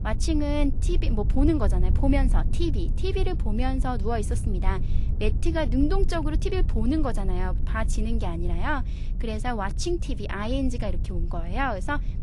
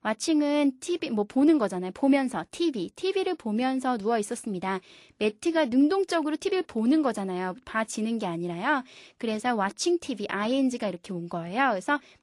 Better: second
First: low rumble; noticeable; throughout; 15 dB below the speech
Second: none

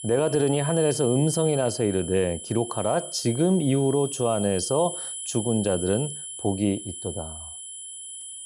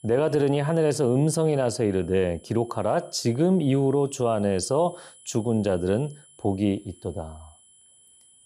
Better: second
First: high-pitched whine; loud; throughout; 10.5 kHz, 9 dB below the speech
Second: high-pitched whine; faint; throughout; 10.5 kHz, 25 dB below the speech

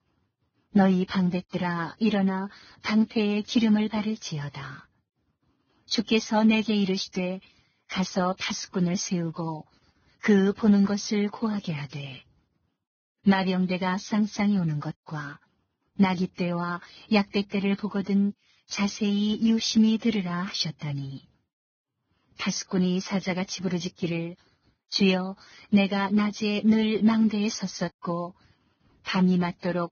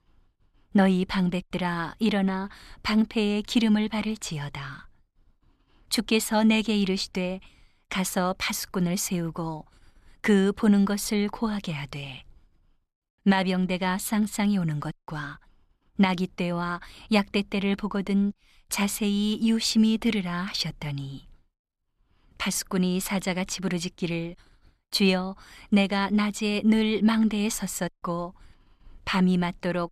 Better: second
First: garbled, watery; badly; nothing above 6.5 kHz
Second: none

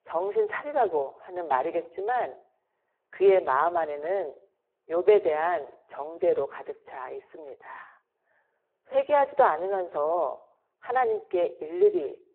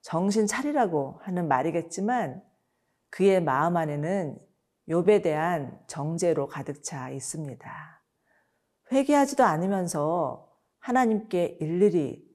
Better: second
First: phone-call audio; poor line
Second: none

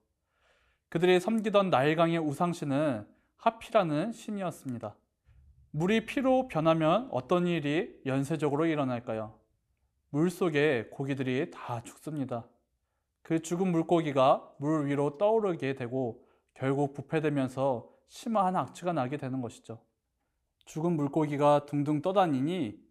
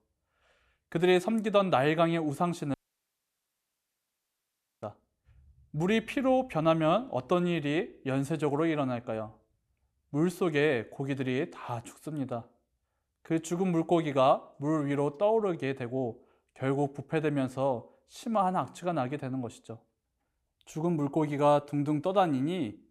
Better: first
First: none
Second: audio cutting out; at 2.5 s for 2 s

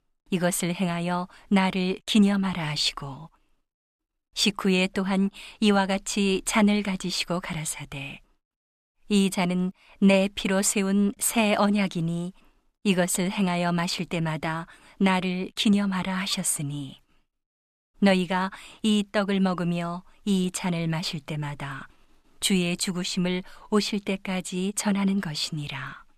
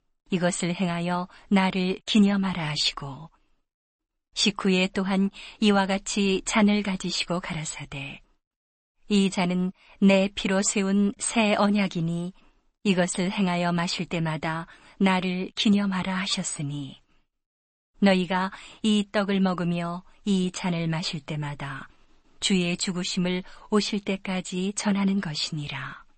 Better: first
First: none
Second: garbled, watery; slightly; nothing above 8 kHz

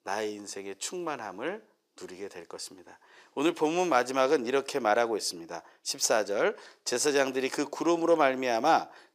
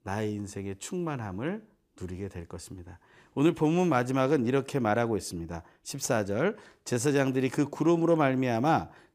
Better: second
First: thin; somewhat; fading below 500 Hz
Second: none

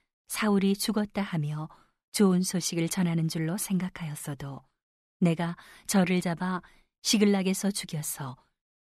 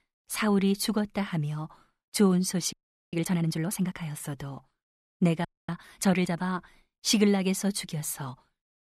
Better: first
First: none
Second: audio freezing; at 2.5 s and at 5.5 s

